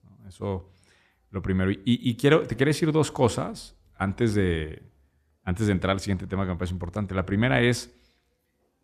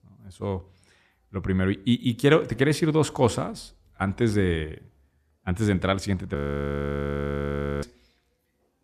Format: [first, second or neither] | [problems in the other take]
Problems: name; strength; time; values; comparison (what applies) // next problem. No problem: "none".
first | audio freezing; at 6.5 s for 1.5 s